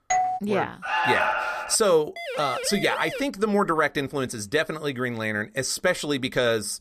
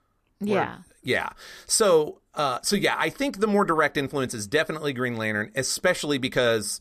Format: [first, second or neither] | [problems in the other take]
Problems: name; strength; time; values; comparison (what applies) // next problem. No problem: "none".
second | doorbell; loud; at the start; peak 1 dB above the speech // alarm; loud; at 1 s; peak 2 dB above the speech // siren; noticeable; from 2 to 3 s; peak 7 dB below the speech